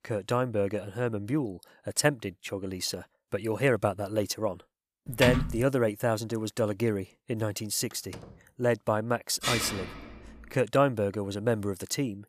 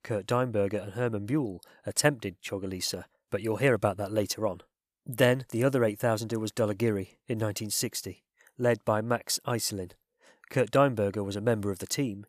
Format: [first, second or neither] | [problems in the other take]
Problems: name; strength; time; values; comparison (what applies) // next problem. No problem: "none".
second | keyboard typing; loud; at 5 s; peak 2 dB above the speech // door banging; faint; at 8 s; peak 20 dB below the speech // clattering dishes; loud; from 9.5 to 10 s; peak level with the speech